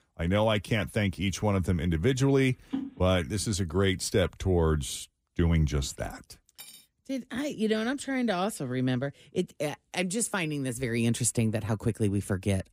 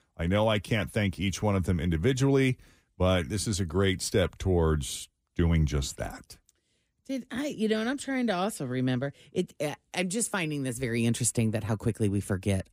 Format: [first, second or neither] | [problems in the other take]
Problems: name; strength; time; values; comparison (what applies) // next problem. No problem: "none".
second | phone ringing; noticeable; at 2.5 s; peak 8 dB below the speech // clattering dishes; faint; at 6.5 s; peak 20 dB below the speech